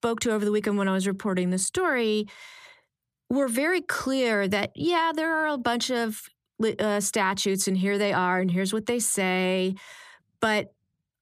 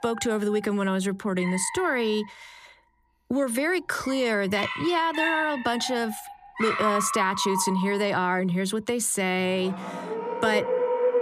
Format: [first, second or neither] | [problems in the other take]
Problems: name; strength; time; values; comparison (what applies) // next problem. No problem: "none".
first | animal sounds; loud; throughout; 5 dB below the speech